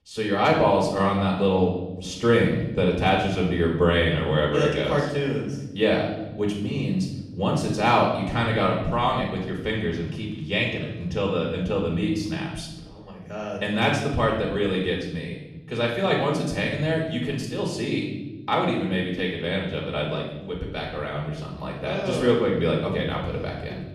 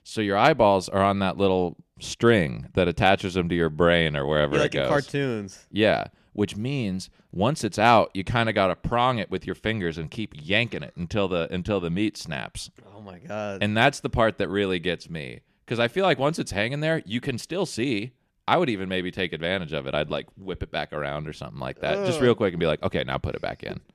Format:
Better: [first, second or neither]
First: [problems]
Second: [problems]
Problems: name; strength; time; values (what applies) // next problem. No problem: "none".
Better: second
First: off-mic speech; far // room echo; noticeable; dies away in 1.2 s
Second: none